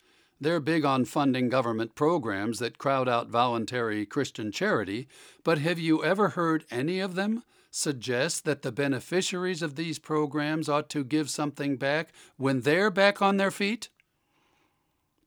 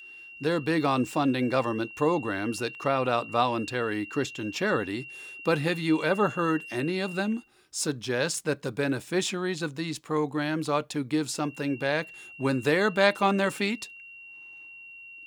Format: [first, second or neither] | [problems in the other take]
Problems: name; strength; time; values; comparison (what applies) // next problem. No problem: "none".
first | high-pitched whine; noticeable; until 7.5 s and from 11 s on; 3 kHz, 15 dB below the speech